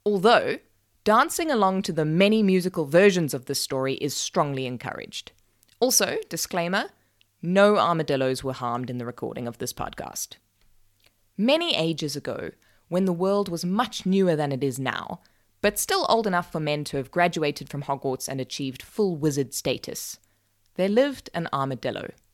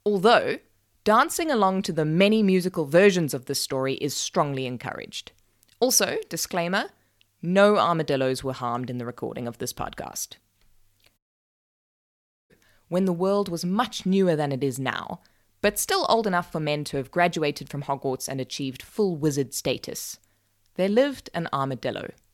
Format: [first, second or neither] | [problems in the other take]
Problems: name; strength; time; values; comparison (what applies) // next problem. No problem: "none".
first | audio cutting out; at 11 s for 1.5 s